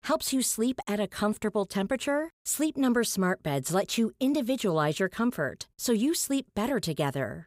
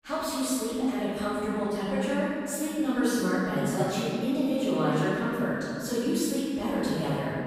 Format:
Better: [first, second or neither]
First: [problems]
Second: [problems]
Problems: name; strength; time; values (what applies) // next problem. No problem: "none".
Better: first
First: none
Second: room echo; strong; dies away in 2.5 s // off-mic speech; far